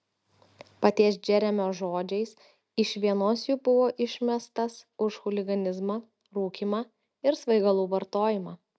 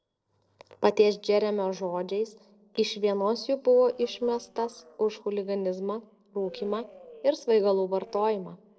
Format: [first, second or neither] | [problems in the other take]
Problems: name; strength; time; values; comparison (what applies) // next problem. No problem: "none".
first | noise reduction (neural separator model SepFormer DNS4)